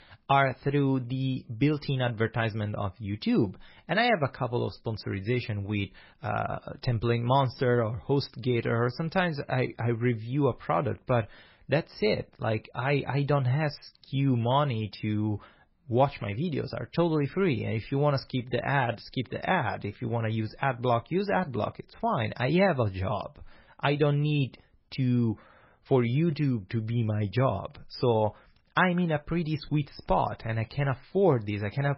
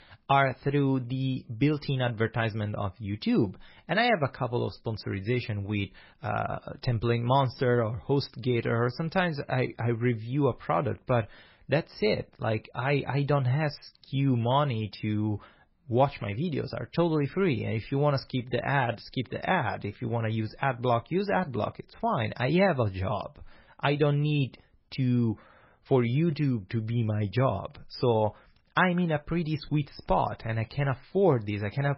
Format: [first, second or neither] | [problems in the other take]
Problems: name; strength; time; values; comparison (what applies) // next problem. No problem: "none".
neither | garbled, watery; badly; nothing above 5.5 kHz; the same in both